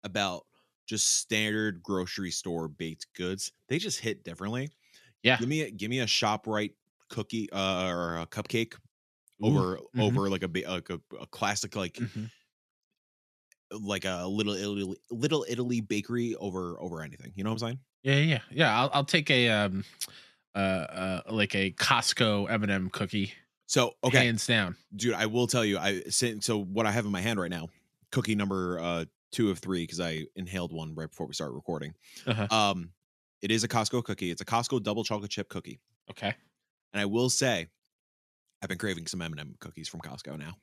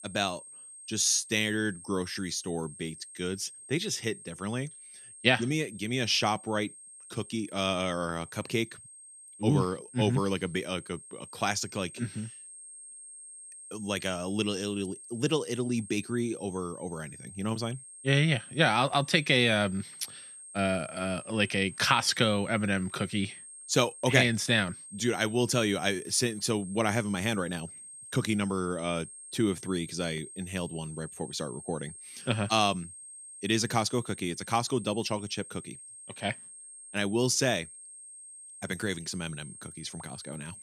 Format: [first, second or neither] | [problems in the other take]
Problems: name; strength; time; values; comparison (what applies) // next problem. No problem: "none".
first | high-pitched whine; noticeable; throughout; 8.5 kHz, 15 dB below the speech